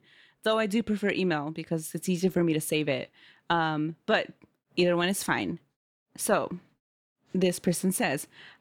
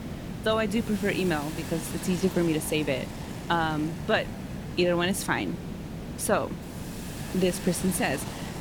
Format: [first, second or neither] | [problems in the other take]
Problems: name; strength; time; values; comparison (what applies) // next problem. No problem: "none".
first | hiss; loud; throughout; 9 dB below the speech